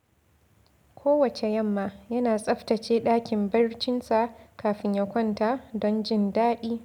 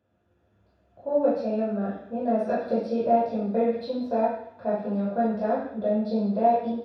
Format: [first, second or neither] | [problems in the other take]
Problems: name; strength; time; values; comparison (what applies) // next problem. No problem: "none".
first | room echo; dies away in 0.7 s